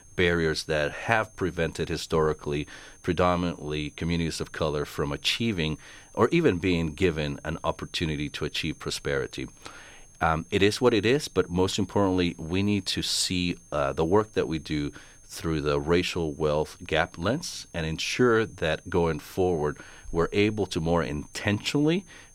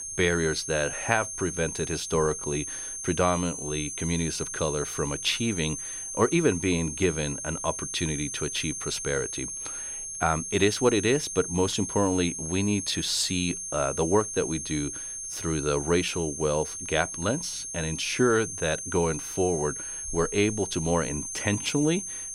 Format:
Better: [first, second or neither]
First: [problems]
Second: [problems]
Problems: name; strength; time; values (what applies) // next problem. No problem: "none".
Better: first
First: high-pitched whine; faint; throughout; 6.5 kHz, 25 dB below the speech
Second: high-pitched whine; loud; throughout; 6.5 kHz, 5 dB below the speech